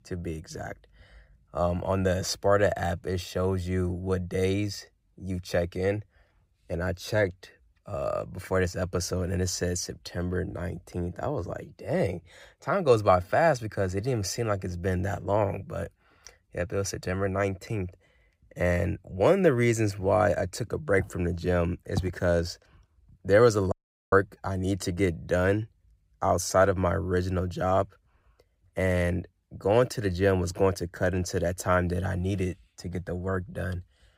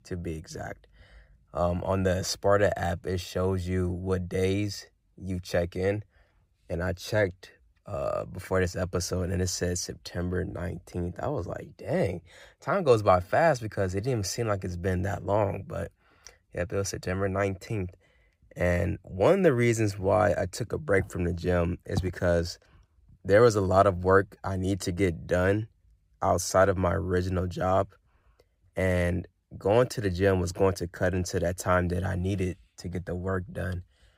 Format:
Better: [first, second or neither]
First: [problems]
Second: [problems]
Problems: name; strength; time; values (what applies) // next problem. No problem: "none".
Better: second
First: audio cutting out; at 24 s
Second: none